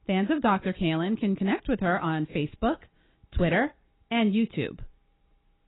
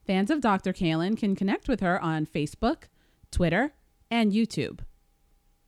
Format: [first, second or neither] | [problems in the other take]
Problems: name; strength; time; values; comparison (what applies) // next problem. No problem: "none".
second | garbled, watery; badly; nothing above 4 kHz